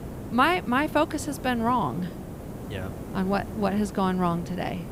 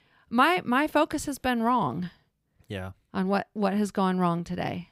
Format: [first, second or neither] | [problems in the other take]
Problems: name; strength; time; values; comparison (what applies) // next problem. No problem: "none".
second | hiss; noticeable; throughout; 10 dB below the speech